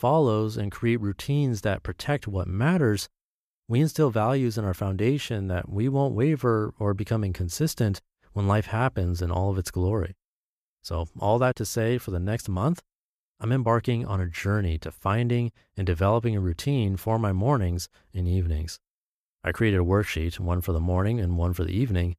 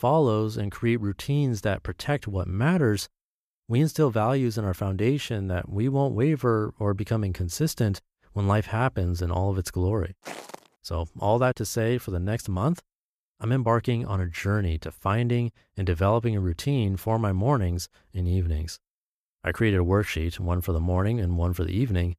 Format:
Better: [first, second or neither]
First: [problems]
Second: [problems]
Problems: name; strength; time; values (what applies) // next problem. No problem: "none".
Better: first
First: none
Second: footsteps; faint; at 10 s; peak 15 dB below the speech